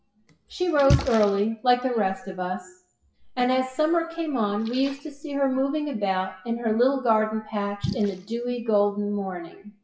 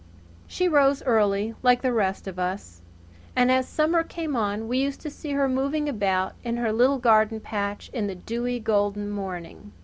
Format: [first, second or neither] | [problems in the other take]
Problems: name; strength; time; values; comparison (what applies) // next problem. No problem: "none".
second | noise reduction (classical method WPE with log-MMSE)